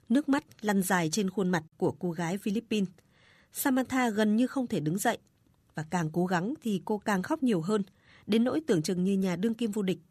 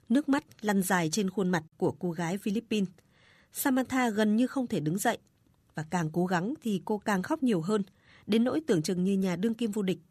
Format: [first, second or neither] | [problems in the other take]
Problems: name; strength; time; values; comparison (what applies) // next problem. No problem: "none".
neither | none